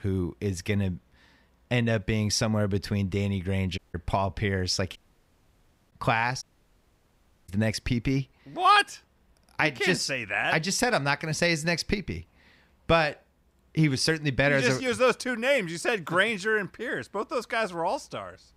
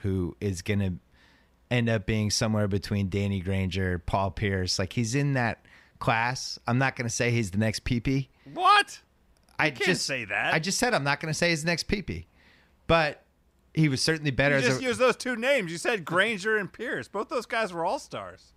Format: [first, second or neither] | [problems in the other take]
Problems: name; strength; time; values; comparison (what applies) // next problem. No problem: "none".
second | audio cutting out; at 4 s, at 5 s for 1 s and at 6.5 s for 1 s